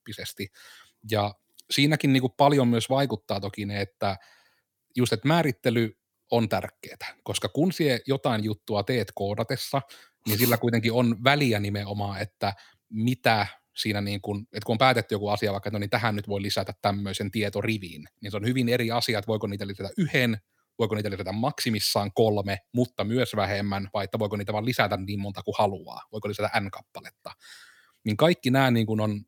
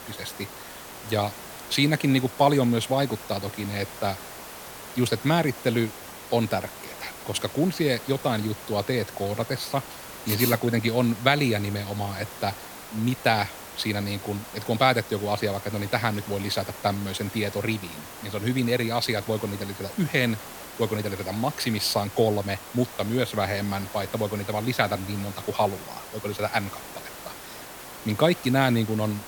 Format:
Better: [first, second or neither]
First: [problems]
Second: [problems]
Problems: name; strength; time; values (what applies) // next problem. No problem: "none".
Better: first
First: none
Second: hiss; noticeable; throughout; 15 dB below the speech